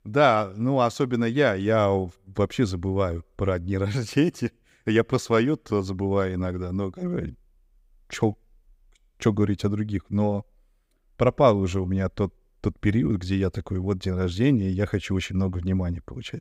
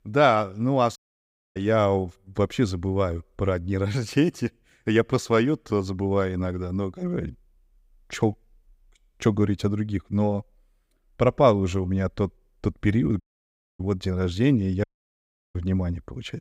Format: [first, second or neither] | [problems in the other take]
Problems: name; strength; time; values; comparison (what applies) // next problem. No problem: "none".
first | audio cutting out; at 1 s for 0.5 s, at 13 s for 0.5 s and at 15 s for 0.5 s